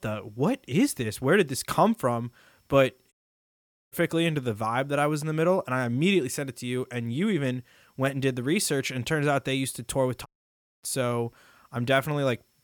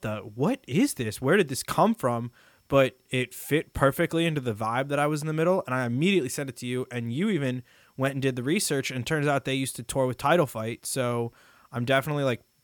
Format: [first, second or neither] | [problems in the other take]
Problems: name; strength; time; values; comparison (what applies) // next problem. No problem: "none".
second | audio cutting out; at 3 s for 1 s and at 10 s for 0.5 s